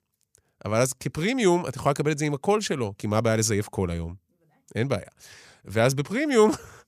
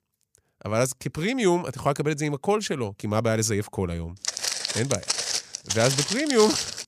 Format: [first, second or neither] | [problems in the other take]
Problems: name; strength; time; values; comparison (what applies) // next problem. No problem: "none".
first | footsteps; loud; from 4 s on; peak 1 dB above the speech